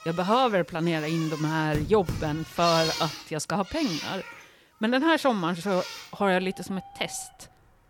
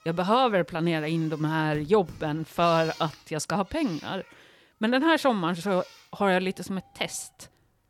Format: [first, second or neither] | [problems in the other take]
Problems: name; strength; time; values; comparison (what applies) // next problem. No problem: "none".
second | animal sounds; loud; throughout; 9 dB below the speech; faint in the second